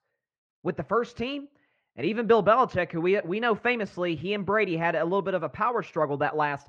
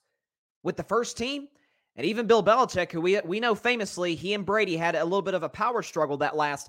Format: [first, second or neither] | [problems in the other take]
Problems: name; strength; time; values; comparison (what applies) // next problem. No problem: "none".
second | muffled; slightly; fading above 2 kHz